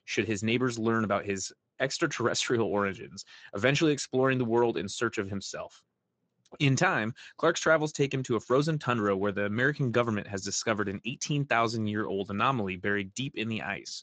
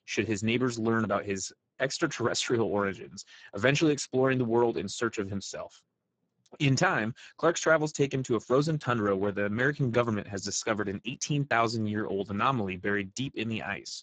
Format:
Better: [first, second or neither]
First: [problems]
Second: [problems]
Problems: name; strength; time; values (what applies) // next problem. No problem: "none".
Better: first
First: garbled, watery; slightly; nothing above 7.5 kHz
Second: garbled, watery; badly; nothing above 7.5 kHz